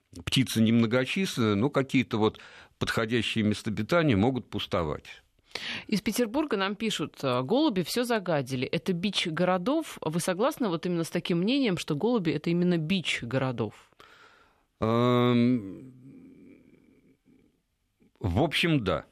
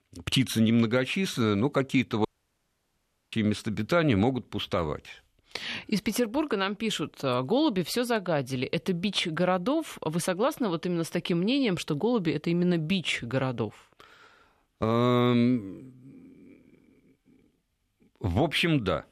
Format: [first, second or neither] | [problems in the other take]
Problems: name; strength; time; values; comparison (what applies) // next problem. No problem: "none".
first | audio cutting out; at 2.5 s for 1 s